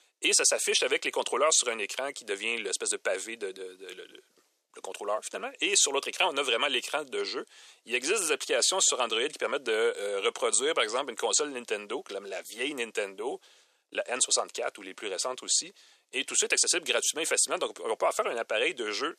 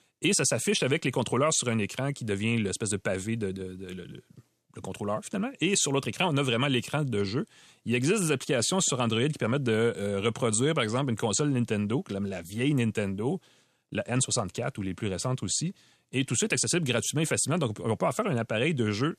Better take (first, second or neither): second